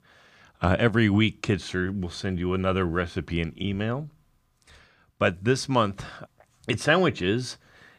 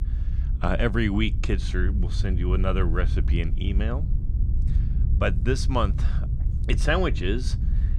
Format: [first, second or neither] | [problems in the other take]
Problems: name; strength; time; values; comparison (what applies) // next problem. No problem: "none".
first | low rumble; noticeable; throughout; 15 dB below the speech